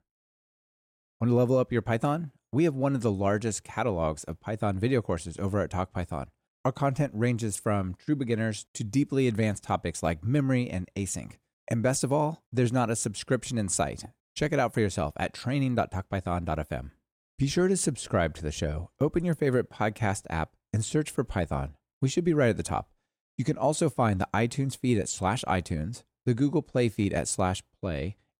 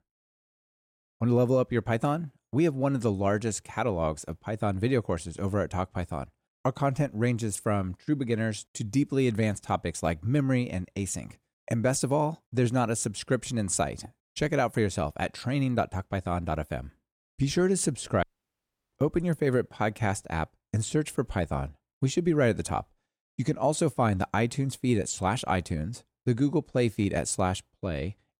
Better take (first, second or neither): first